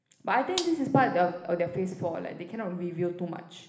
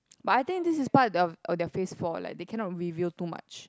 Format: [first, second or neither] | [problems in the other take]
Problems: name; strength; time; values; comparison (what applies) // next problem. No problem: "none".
second | background sound (Gunshot, gunfire); 11 dB below the speech // room echo; dies away in 1.1 s